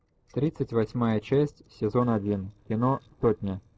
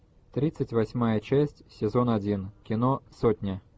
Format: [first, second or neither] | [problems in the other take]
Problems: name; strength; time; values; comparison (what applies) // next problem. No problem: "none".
second | noise reduction (neural separator model SepFormer DNS4)